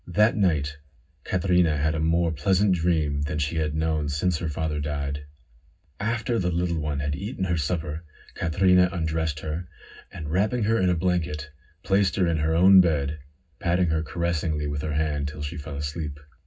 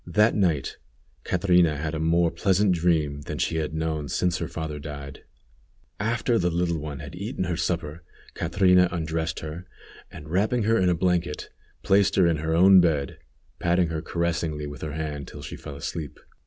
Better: second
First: room echo; dies away in 0.4 s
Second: none

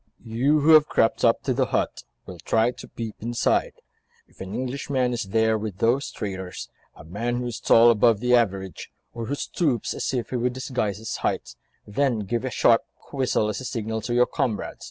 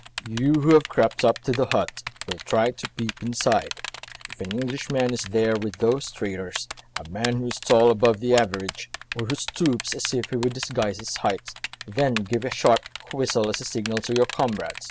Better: first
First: none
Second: background sound (Typing); 12 dB below the speech

